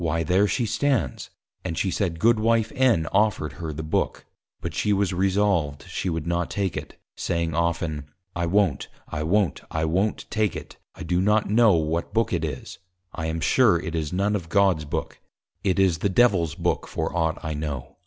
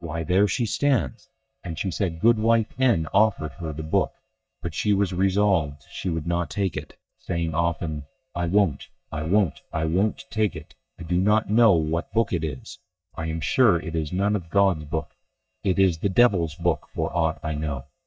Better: first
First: none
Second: noise reduction (neural mask model DeepFilterNet 3)

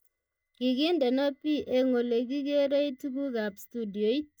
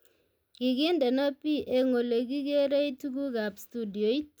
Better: second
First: noise reduction (neural mask model DeepFilterNet 3)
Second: none

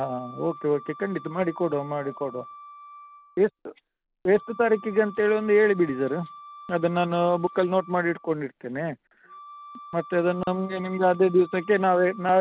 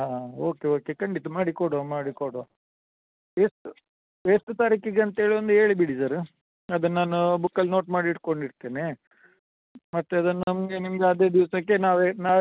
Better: second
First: background sound (Wind instrument, woodwind instrument); 19 dB below the speech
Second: none

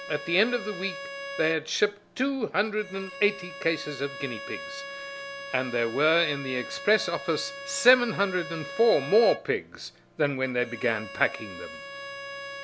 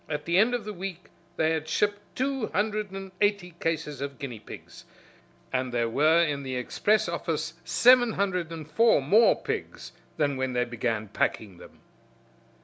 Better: second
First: background sound (Bowed string instrument); 12 dB below the speech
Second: none

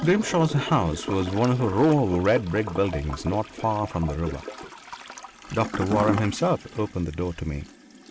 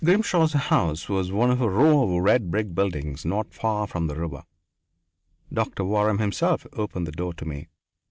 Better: second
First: background sound (Toilet flush / Gurgling); 10 dB below the speech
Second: none

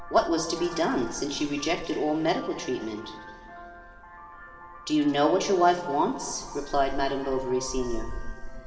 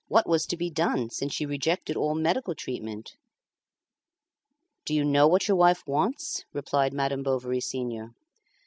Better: second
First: background sound (Vehicle horn, car horn, honking); 10 dB below the speech // room echo; dies away in 2.1 s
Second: none

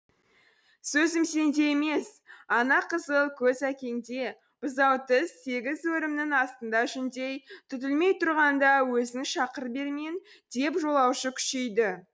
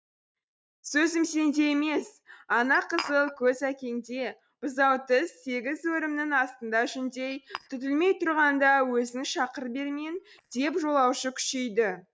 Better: first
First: none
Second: noise reduction (neural mask model DeepFilterNet 3)

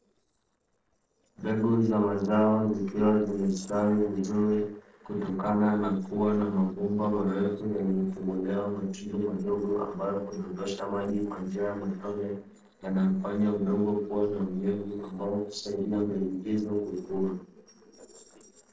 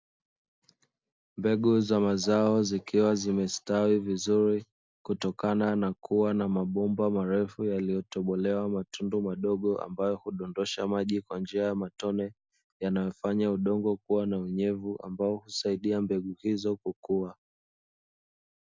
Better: second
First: noise reduction (neural separator model SepFormer DNS4)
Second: none

